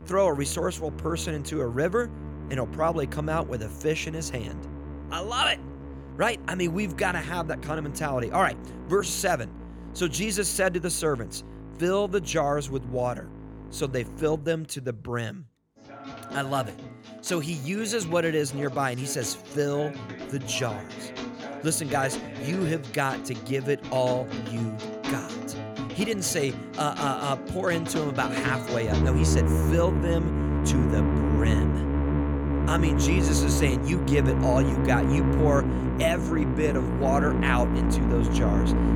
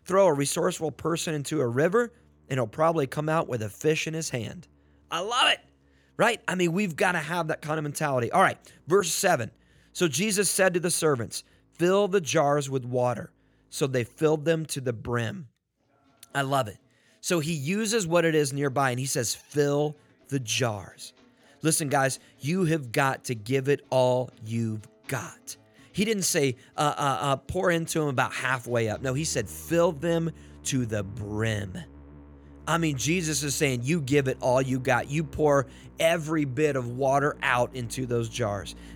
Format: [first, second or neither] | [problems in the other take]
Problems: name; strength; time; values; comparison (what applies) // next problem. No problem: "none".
second | background music; loud; throughout; 1 dB below the speech; faint in the second